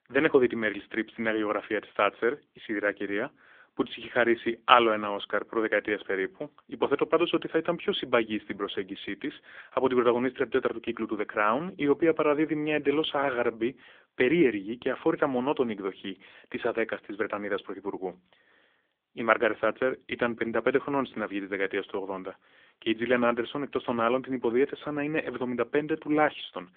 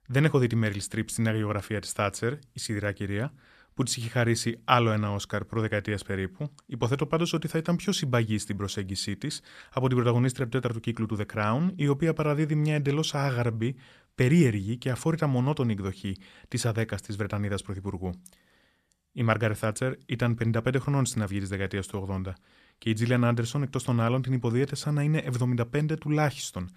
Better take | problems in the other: second | phone-call audio; nothing above 3.5 kHz

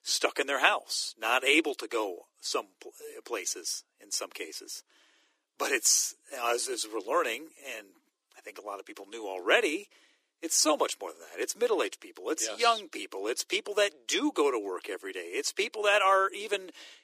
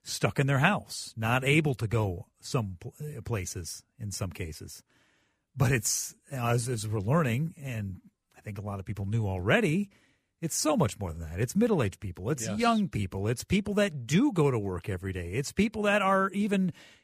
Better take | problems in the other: second | thin; very; fading below 300 Hz

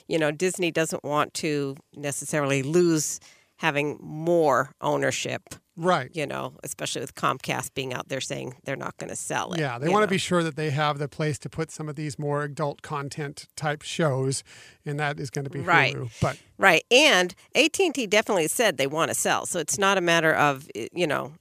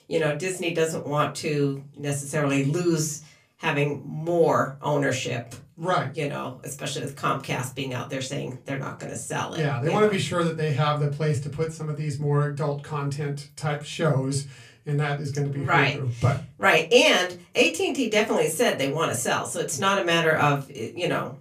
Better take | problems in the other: first | off-mic speech; far // room echo; very slight; dies away in 0.3 s

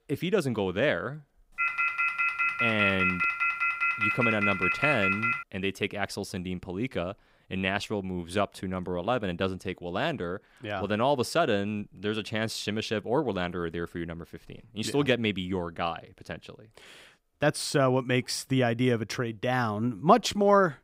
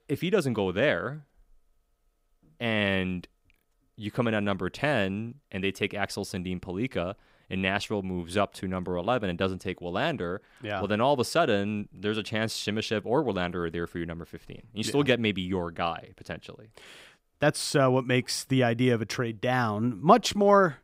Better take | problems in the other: second | phone ringing; loud; from 1.5 to 5.5 s; peak 3 dB above the speech

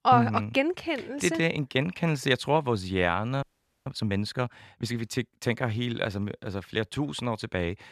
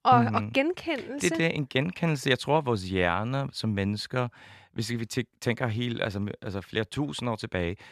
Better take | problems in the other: second | audio freezing; at 3.5 s

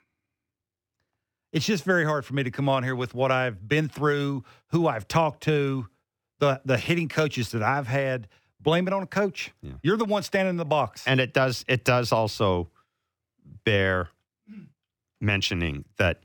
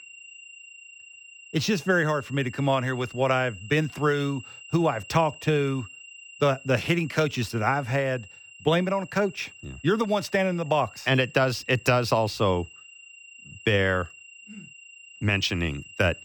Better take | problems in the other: first | high-pitched whine; noticeable; throughout; 3 kHz, 20 dB below the speech

